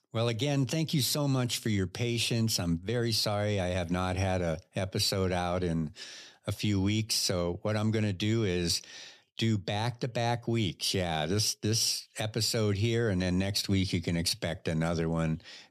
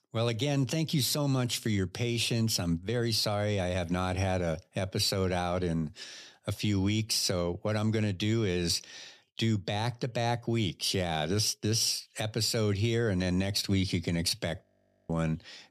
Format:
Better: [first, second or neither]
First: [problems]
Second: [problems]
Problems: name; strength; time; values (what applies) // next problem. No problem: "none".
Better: first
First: none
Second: audio freezing; at 15 s